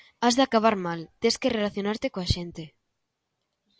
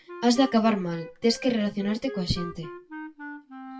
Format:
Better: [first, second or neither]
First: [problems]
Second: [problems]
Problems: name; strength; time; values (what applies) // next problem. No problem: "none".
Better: first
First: none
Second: background sound (Wind instrument, woodwind instrument); 14 dB below the speech // room echo; dies away in 0.2 s